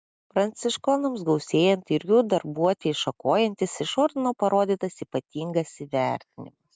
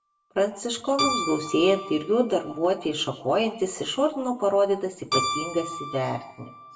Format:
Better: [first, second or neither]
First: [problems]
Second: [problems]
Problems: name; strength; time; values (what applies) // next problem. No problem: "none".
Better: first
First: none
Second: background sound (Keyboard (musical)); 8 dB below the speech // room echo; dies away in 0.6 s